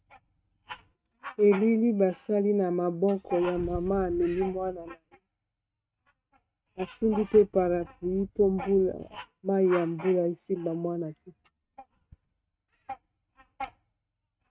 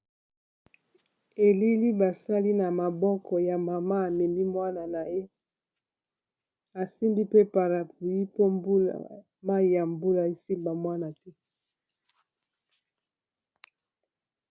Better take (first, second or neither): second